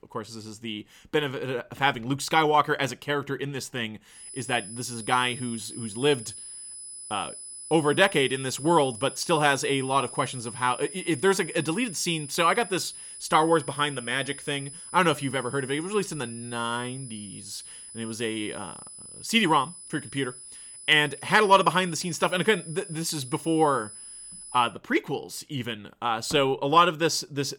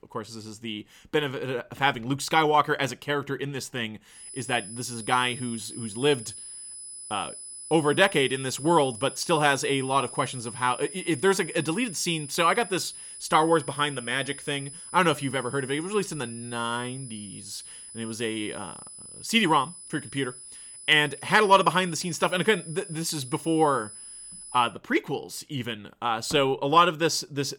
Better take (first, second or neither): neither